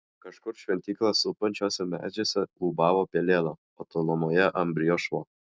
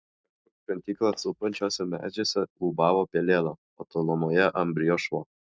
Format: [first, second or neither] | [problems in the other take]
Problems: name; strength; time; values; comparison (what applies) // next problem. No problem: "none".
first | noise reduction (neural mask model DeepFilterNet 3)